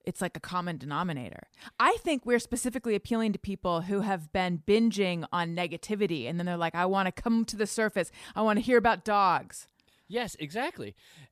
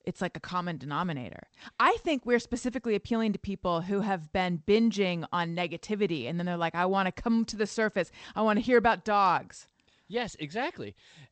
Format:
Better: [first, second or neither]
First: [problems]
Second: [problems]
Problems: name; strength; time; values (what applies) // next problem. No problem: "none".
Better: first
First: none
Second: garbled, watery; slightly; nothing above 8 kHz